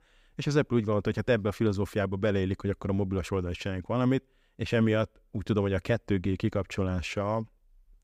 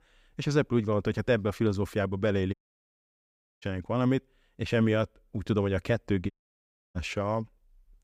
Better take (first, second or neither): first